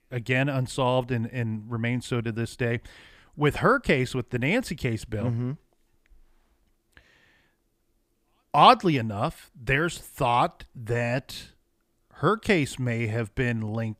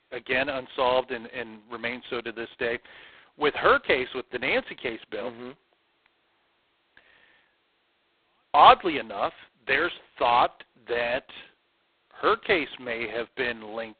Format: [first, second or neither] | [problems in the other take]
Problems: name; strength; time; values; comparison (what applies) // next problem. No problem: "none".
first | phone-call audio; poor line; nothing above 4 kHz